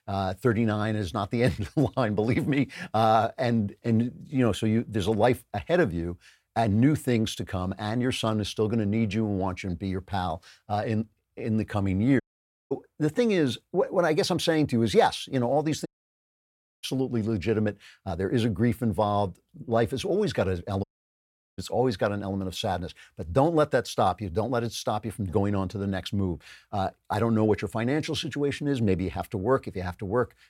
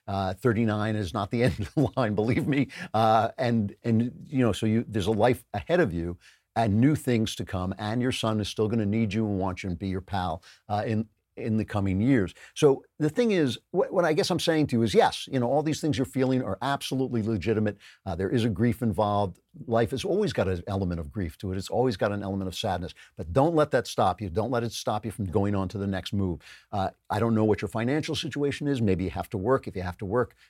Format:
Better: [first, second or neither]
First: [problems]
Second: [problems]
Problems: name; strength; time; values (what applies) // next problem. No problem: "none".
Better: second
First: audio cutting out; at 12 s for 0.5 s, at 16 s for 1 s and at 21 s for 0.5 s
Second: none